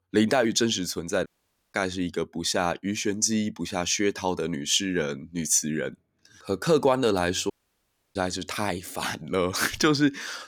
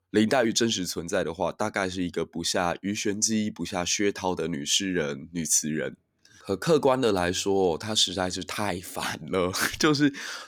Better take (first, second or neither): second